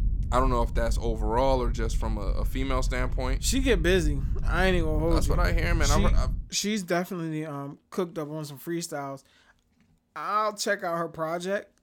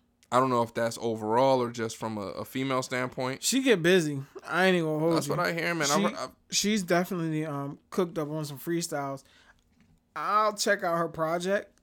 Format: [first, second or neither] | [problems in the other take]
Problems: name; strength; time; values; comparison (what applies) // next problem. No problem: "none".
second | low rumble; noticeable; until 6.5 s; 20 dB below the speech